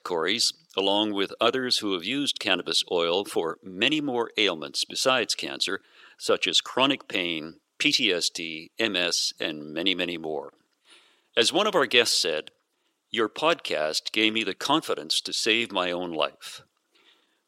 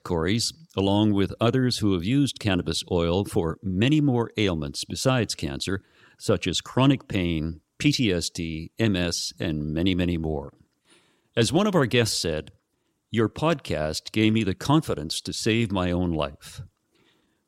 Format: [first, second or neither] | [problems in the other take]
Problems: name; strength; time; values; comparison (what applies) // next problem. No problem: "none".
second | thin; somewhat; fading below 450 Hz